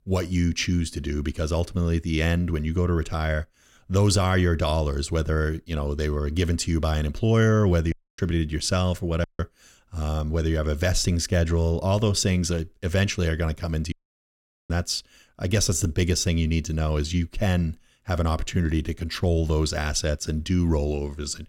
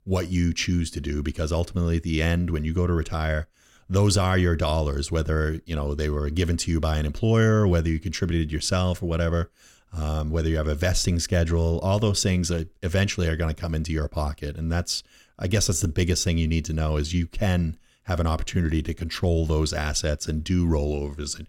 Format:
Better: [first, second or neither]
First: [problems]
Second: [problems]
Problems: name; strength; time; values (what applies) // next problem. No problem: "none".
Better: second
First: audio cutting out; at 8 s, at 9 s and at 14 s for 1 s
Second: none